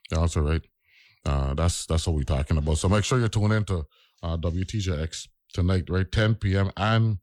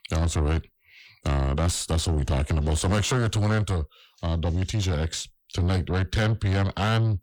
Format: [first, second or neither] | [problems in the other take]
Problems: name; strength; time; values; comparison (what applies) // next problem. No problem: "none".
first | distortion; slight; 10 dB below the speech